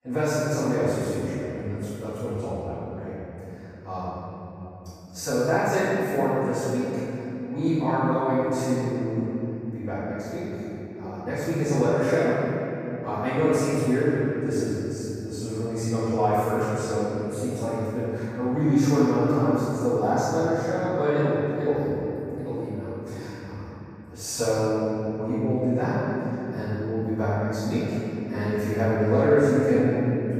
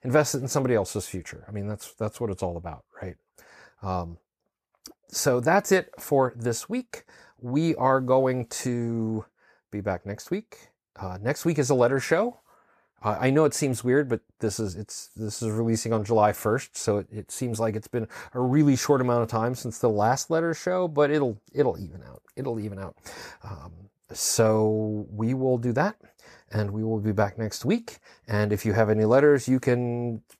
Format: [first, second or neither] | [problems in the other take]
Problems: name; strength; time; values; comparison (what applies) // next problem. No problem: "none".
second | off-mic speech; far // room echo; strong; dies away in 3 s